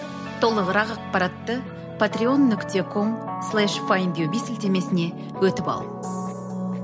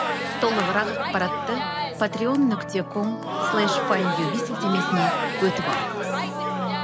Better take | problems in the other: first | background sound (Crowd); 2 dB below the speech

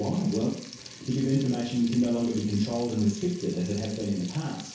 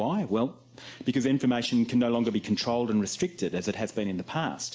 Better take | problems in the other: second | background sound (Frying (food)); 17 dB below the speech // room echo; dies away in 0.6 s

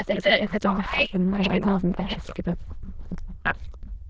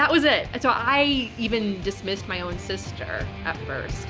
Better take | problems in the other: second | noise reduction (neural diffusion model UNIVERSE++)

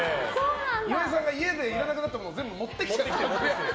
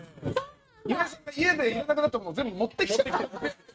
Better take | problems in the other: first | noise reduction (neural mask model RNNoise)

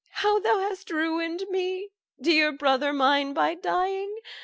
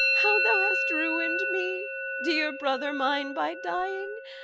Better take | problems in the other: first | background sound (Musical instrument); 2 dB above the speech

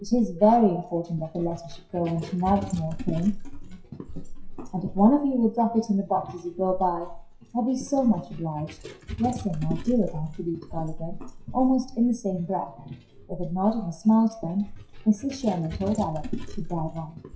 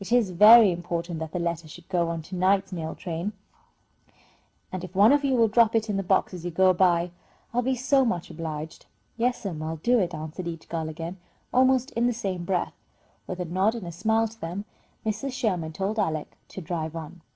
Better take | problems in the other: second | noise reduction (classical method WPE with log-MMSE)

